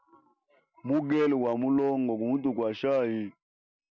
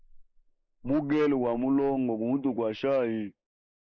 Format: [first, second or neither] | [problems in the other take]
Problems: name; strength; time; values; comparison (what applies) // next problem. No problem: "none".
first | noise reduction (neural mask model Resemble Enhance denoiser)